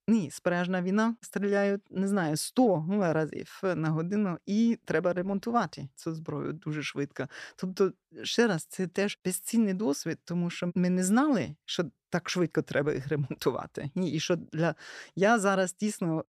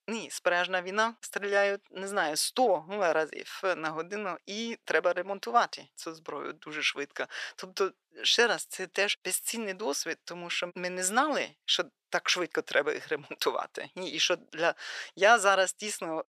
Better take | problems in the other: first | thin; very; fading below 650 Hz

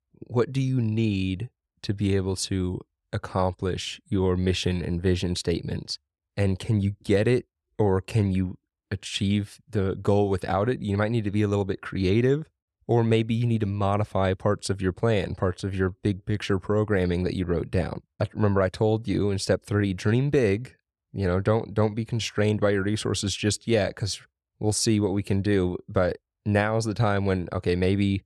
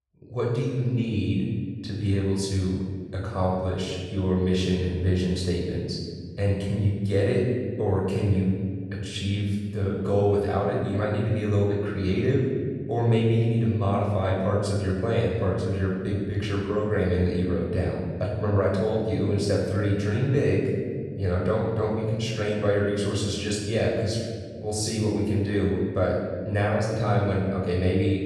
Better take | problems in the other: first | off-mic speech; far // room echo; noticeable; dies away in 1.9 s

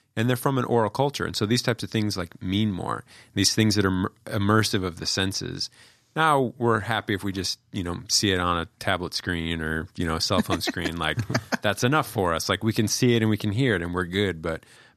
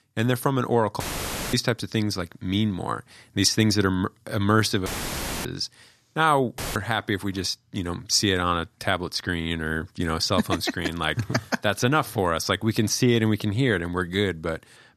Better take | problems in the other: first | audio cutting out; filled with static; at 1 s for 0.5 s, at 5 s for 0.5 s and at 6.5 s

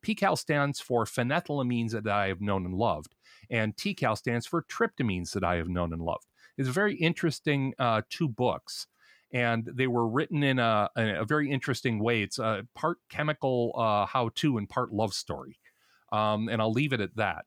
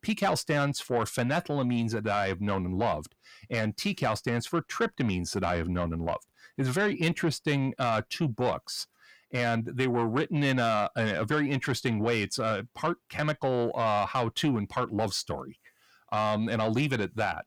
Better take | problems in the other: first | distortion; slight; 10 dB below the speech

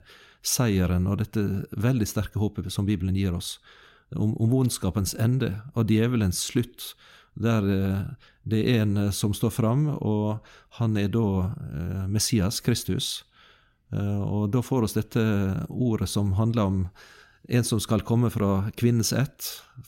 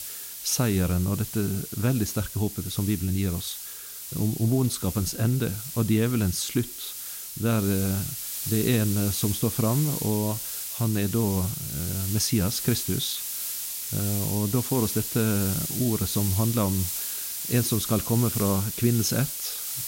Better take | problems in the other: first | hiss; loud; throughout; 4 dB below the speech

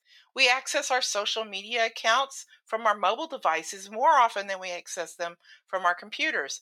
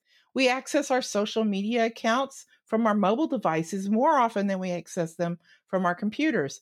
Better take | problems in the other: second | thin; very; fading below 850 Hz

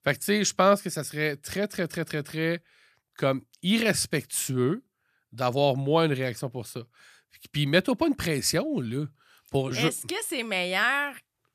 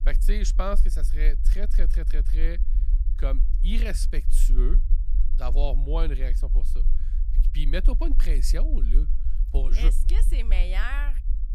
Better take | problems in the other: first | low rumble; noticeable; throughout; 15 dB below the speech

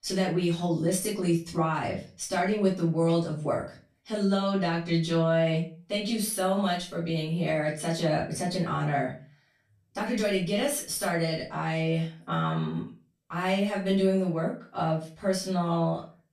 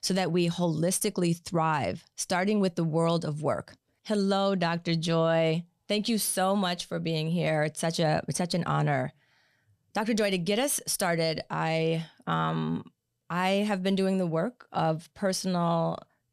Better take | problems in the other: second | room echo; slight; dies away in 0.3 s // off-mic speech; far

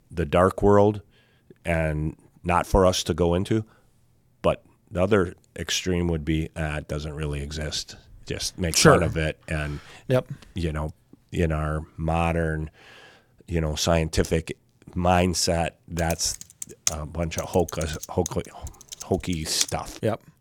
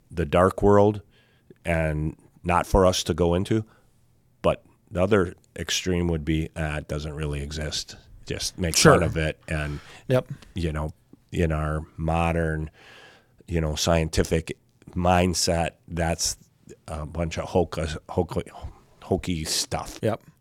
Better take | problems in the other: second | keyboard typing; noticeable; from 16 to 20 s; peak 3 dB below the speech

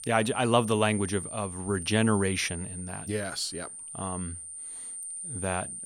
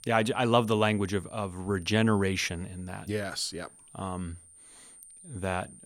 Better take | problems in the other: second | high-pitched whine; loud; throughout; 9 kHz, 8 dB below the speech; faint in the second

